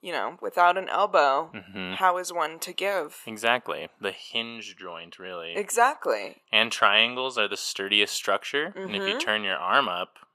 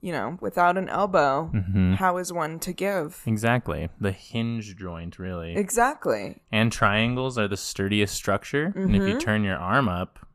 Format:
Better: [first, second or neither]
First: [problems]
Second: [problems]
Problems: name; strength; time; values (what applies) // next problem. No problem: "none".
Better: second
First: thin; very; fading below 450 Hz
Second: none